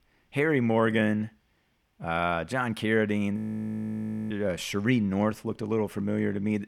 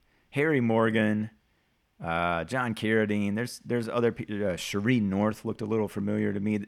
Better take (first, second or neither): second